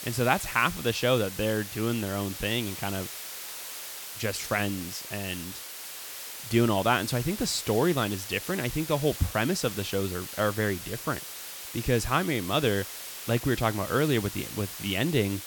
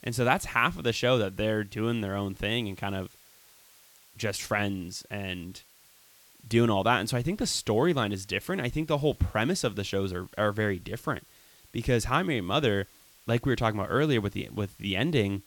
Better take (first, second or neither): second